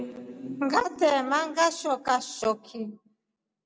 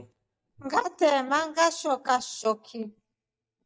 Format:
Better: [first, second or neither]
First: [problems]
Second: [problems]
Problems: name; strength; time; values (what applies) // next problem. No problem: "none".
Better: first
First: none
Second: noise reduction (neural mask model DeepFilterNet 3)